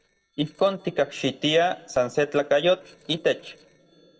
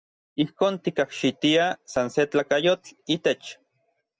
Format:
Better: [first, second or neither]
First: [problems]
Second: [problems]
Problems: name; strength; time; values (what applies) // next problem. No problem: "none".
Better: second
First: noise reduction (neural separator model SepFormer DNS4)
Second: none